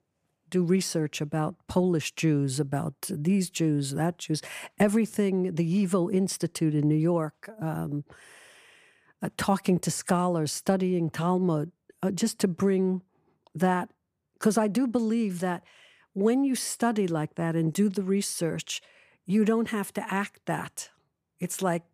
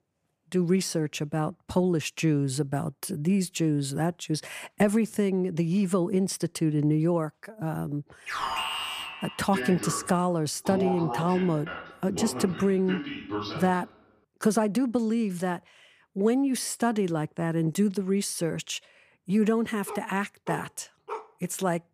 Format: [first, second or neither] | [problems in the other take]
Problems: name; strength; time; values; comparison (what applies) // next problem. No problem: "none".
first | alarm; noticeable; from 8.5 to 14 s; peak 1 dB below the speech // dog barking; faint; from 20 to 21 s; peak 10 dB below the speech